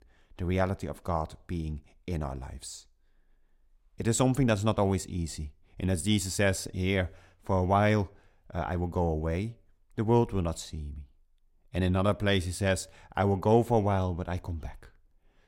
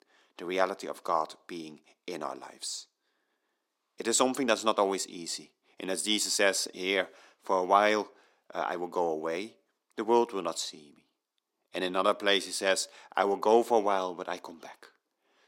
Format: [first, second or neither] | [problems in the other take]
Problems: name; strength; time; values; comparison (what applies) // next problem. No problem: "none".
first | thin; somewhat; fading below 300 Hz